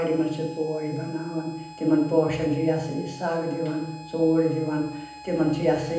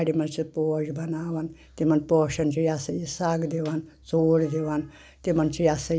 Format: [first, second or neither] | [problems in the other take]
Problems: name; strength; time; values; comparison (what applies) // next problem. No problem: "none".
second | background sound (Harmonica); 18 dB below the speech // room echo; dies away in 0.9 s